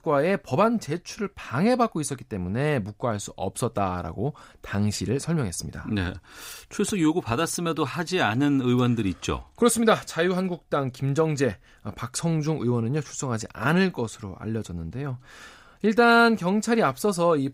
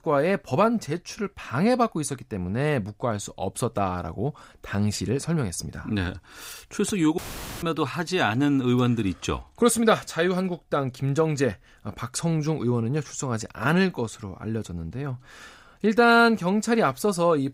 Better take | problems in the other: first | audio cutting out; filled with static; at 7 s

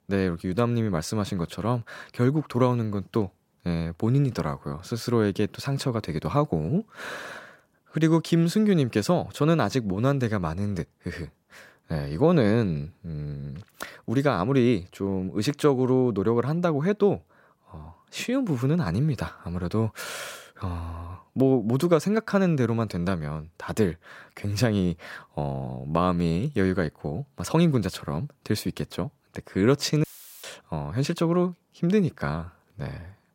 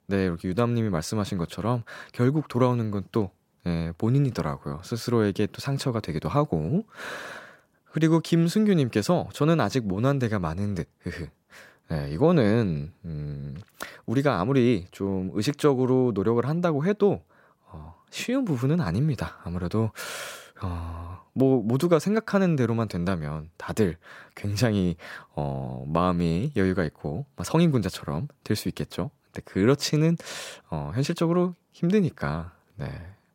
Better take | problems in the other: second | audio cutting out; filled with static; at 30 s

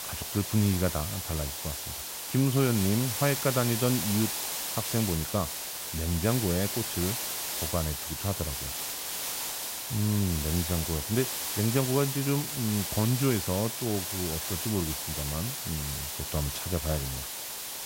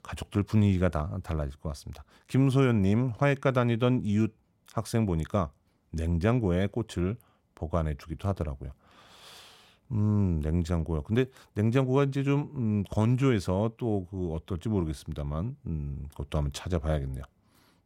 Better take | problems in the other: second | hiss; loud; throughout; 2 dB below the speech

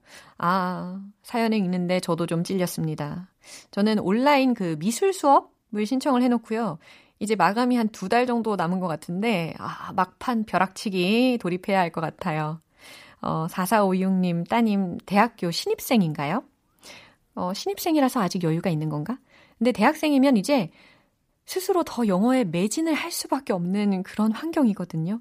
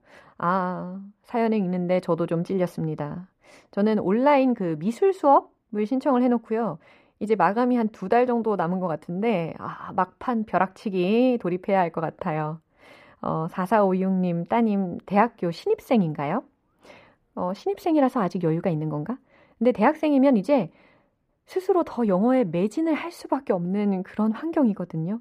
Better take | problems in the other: first | muffled; very; fading above 3 kHz

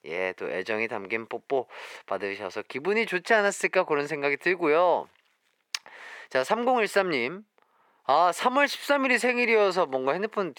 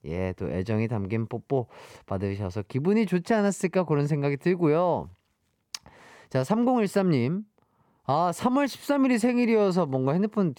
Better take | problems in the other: second | thin; somewhat; fading below 500 Hz

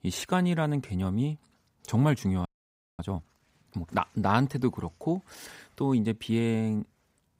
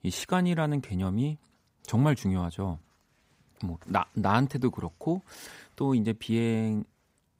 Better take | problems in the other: second | audio freezing; at 2.5 s for 0.5 s

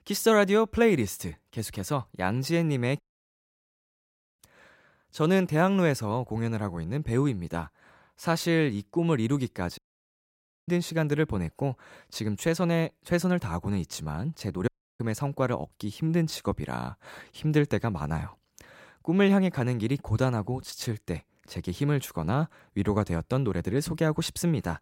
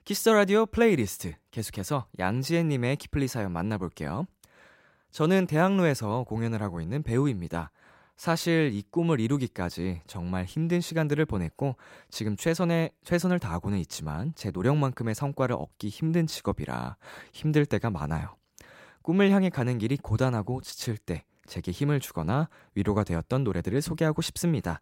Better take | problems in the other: second | audio cutting out; at 3 s for 1.5 s, at 10 s for 1 s and at 15 s

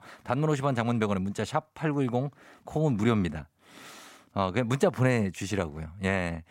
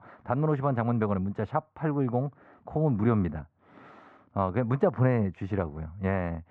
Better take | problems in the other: first | muffled; very; fading above 1 kHz

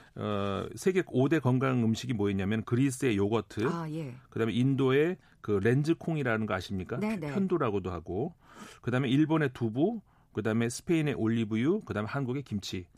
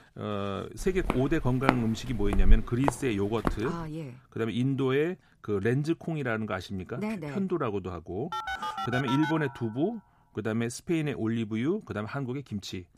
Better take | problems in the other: first | footsteps; loud; from 1 to 3.5 s; peak 3 dB above the speech // phone ringing; noticeable; from 8.5 to 9.5 s; peak 2 dB below the speech

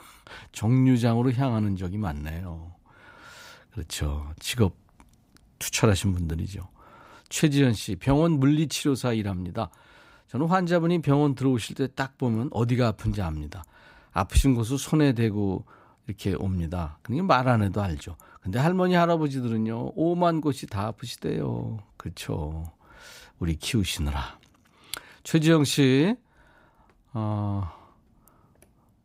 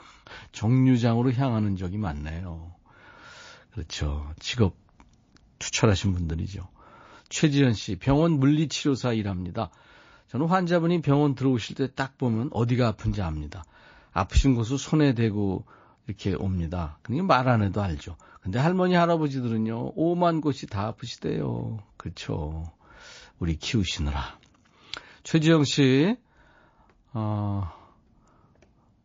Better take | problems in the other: first | garbled, watery; slightly

